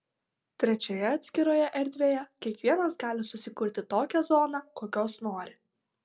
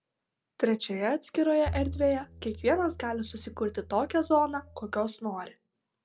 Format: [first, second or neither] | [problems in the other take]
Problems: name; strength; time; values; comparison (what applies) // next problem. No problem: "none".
first | background sound (Bowed string instrument); 11 dB below the speech